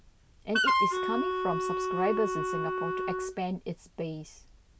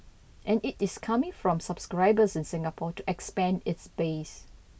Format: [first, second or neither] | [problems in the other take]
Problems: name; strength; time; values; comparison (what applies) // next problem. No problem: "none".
second | background sound (Wind instrument, woodwind instrument); 5 dB above the speech